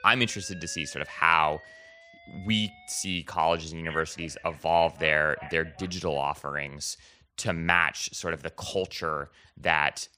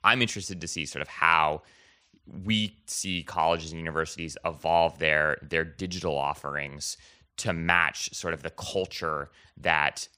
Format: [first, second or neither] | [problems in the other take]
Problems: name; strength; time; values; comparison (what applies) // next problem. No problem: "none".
second | alarms or sirens; noticeable; until 6 s; 20 dB below the speech